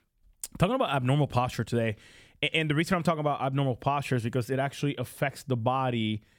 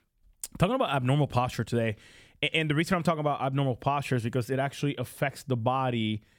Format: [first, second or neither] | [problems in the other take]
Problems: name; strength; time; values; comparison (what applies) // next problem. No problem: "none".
neither | none